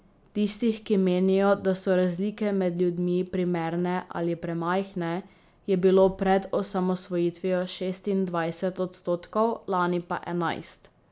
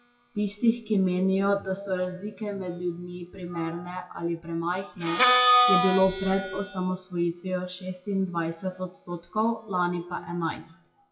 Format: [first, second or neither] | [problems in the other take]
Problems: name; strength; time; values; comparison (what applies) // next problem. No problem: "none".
first | noise reduction (classical method WPE with log-MMSE)